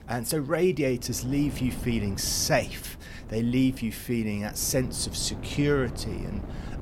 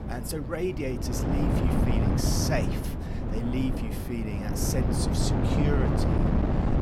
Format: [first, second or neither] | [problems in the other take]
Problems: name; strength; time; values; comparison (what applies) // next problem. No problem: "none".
first | wind noise on the microphone; heavy; 1 dB above the speech; occasional gusts in the first